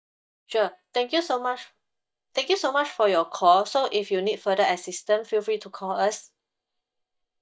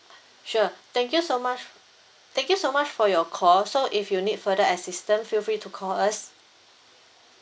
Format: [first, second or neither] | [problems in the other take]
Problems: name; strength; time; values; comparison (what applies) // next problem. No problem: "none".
second | noise reduction (neural mask model DeepFilterNet 3)